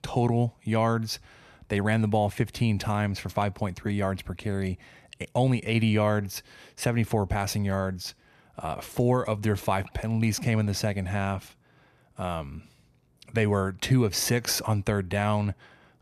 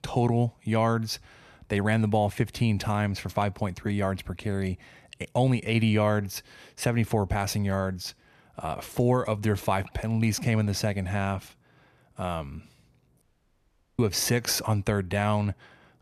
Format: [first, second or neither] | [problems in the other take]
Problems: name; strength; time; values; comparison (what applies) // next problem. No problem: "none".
first | audio cutting out; at 13 s for 1 s